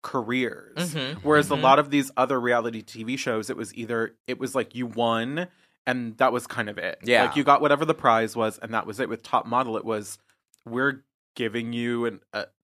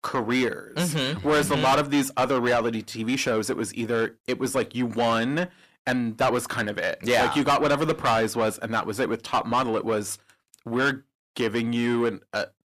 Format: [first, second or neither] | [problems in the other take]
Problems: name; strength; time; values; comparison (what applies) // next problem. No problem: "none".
first | distortion; heavy; 6 dB below the speech